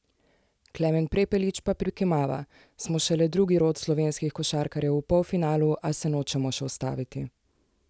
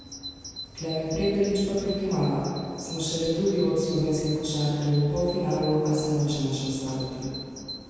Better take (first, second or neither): first